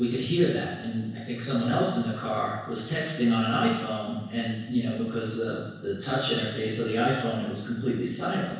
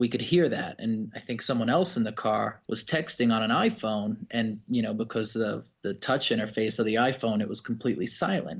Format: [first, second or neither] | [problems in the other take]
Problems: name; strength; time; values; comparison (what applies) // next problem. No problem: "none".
second | room echo; dies away in 1.1 s